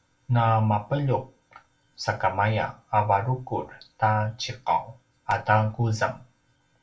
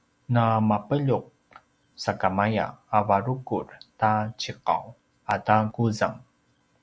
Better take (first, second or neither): second